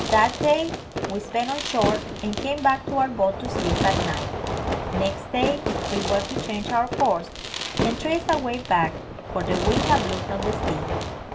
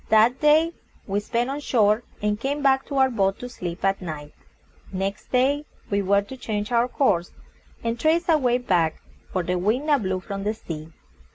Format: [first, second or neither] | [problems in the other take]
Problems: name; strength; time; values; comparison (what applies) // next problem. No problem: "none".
second | background sound (Fireworks); 3 dB below the speech // room echo; dies away in 0.3 s